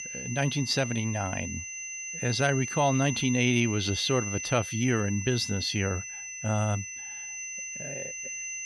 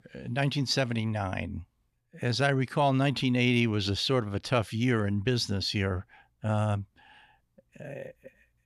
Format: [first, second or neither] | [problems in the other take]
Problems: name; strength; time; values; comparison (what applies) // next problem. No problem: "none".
second | high-pitched whine; loud; throughout; 6 kHz, 7 dB below the speech